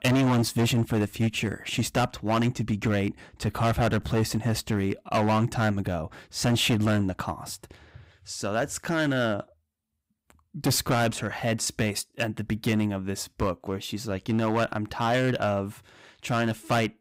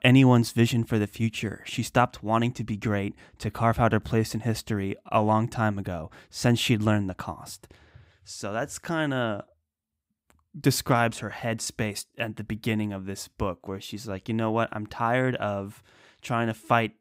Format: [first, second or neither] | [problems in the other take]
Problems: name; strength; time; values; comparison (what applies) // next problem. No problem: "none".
second | distortion; heavy; 9% of the sound clipped